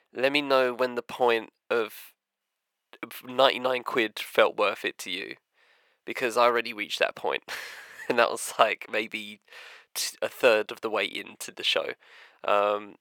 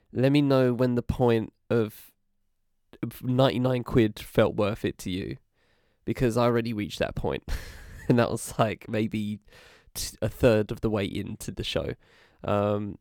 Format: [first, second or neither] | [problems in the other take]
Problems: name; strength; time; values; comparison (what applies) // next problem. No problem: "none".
second | thin; very; fading below 600 Hz